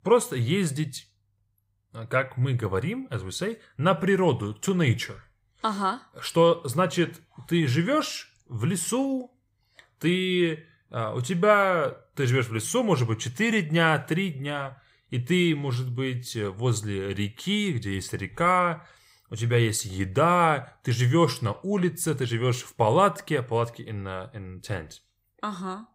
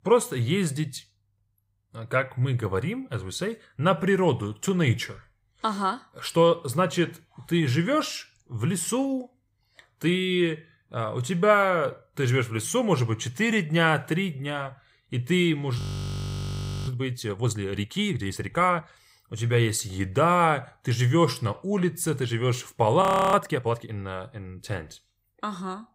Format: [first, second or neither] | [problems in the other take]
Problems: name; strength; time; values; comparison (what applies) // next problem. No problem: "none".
first | audio freezing; at 16 s for 1 s and at 23 s